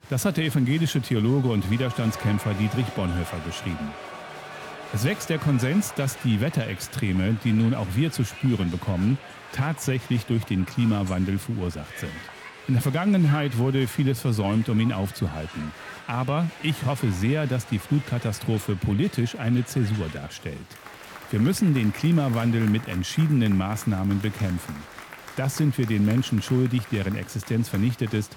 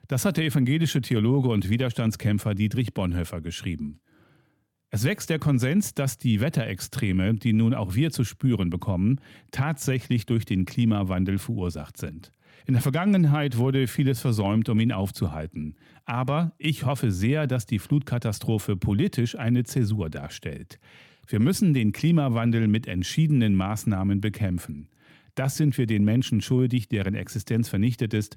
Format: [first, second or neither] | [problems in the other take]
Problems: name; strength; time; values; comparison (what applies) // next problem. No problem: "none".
second | crowd noise; noticeable; throughout; 15 dB below the speech